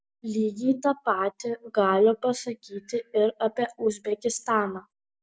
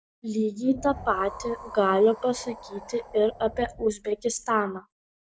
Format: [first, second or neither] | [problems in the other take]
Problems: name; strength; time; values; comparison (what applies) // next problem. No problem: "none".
first | background sound (Wind); 16 dB below the speech